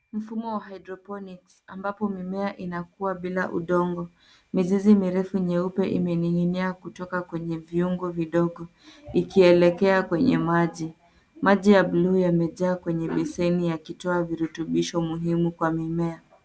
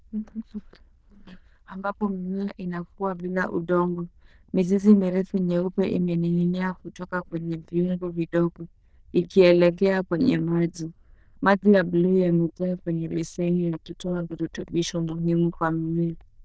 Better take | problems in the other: first | noise reduction (neural diffusion model UNIVERSE++)

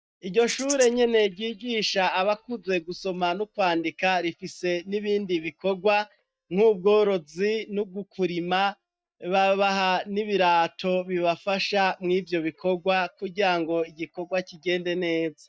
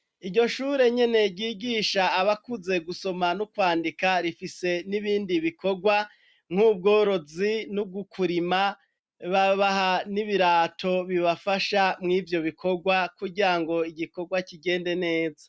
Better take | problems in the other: second | noise reduction (neural mask model DeepFilterNet 3)

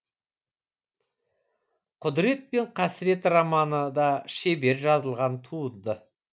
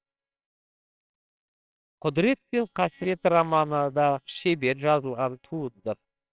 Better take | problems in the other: first | noise reduction (neural separator model SepFormer WHAMR!)

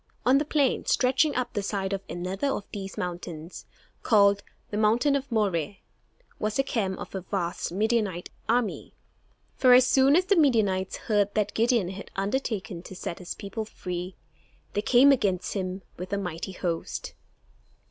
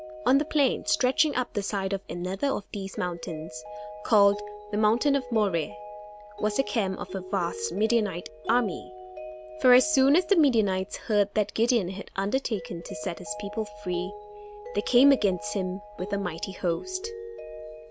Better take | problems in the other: first | background sound (Mallet percussion); 14 dB below the speech

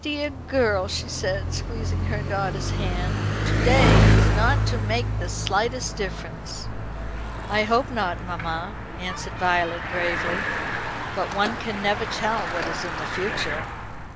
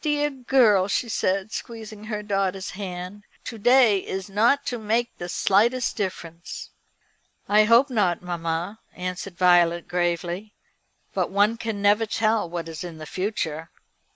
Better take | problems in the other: second | background sound (Bicycle); 3 dB above the speech

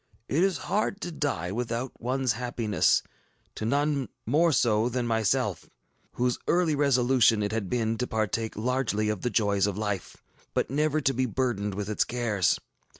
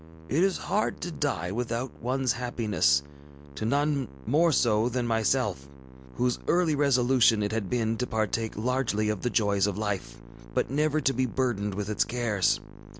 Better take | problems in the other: first | background sound (Musical instrument); 18 dB below the speech

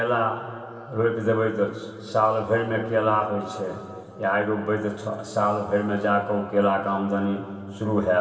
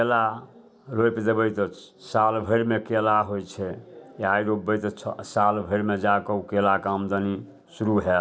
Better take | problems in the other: second | room echo; dies away in 2.4 s

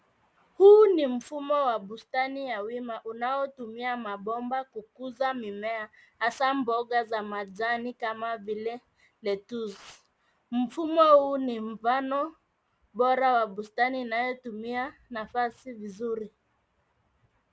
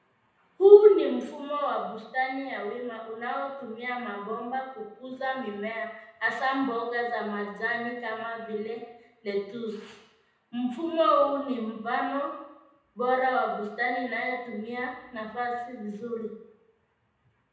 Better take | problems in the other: first | room echo; dies away in 0.9 s

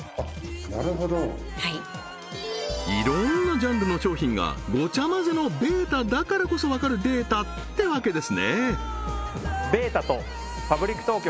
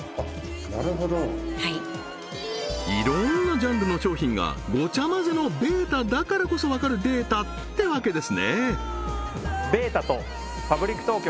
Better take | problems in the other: first | background sound (Musical instrument); 16 dB below the speech

